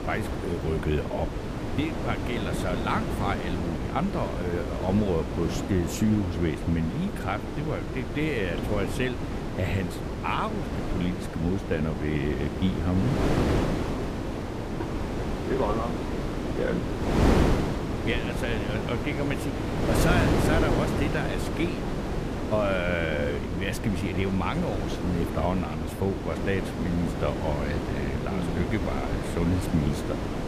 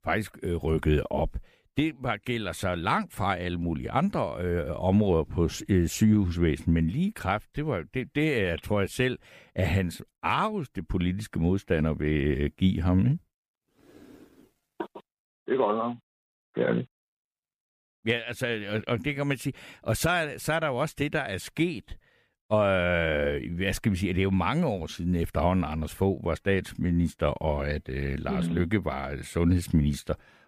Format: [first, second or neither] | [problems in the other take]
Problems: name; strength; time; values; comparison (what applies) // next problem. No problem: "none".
second | wind noise on the microphone; heavy; 1 dB below the speech